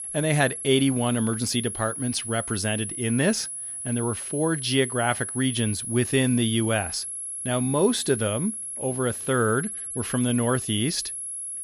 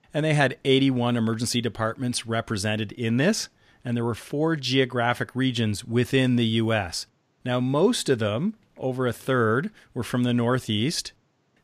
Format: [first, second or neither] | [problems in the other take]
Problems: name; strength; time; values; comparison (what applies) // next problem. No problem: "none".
second | high-pitched whine; loud; throughout; 11 kHz, 6 dB below the speech